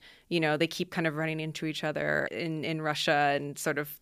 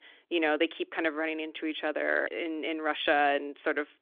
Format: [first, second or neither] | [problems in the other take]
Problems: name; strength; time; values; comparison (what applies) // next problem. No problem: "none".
first | phone-call audio; nothing above 3.5 kHz